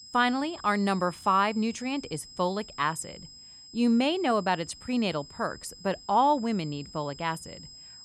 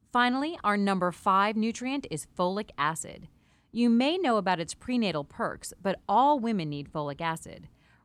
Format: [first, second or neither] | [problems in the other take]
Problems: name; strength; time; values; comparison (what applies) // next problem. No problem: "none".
second | high-pitched whine; noticeable; throughout; 5 kHz, 20 dB below the speech